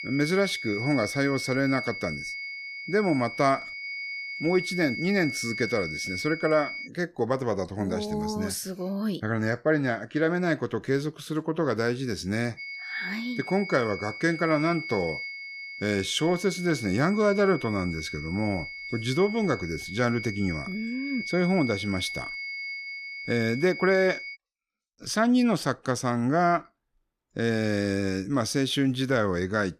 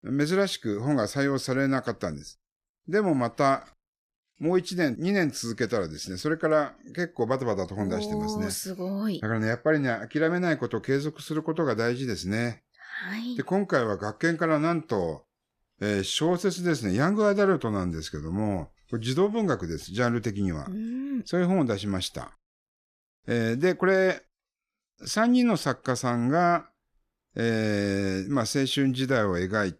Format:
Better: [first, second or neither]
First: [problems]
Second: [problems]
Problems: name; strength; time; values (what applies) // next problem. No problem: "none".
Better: second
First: high-pitched whine; loud; until 7 s and from 13 to 24 s; 2 kHz, 7 dB below the speech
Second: none